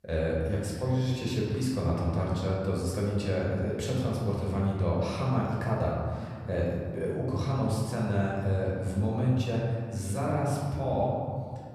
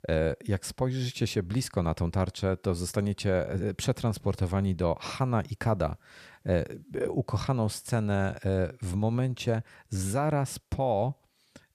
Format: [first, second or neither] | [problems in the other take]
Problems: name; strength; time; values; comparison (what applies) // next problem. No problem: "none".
second | room echo; noticeable; dies away in 2.1 s // off-mic speech; far